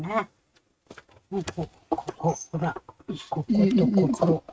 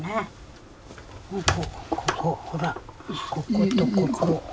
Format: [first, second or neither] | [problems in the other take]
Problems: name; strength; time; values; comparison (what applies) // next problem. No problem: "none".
second | noise reduction (neural mask model RNNoise)